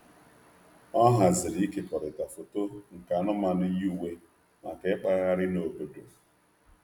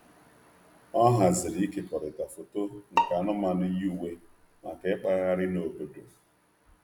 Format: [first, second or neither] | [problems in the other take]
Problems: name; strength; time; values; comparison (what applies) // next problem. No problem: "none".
first | background sound (Bowed string instrument); 4 dB below the speech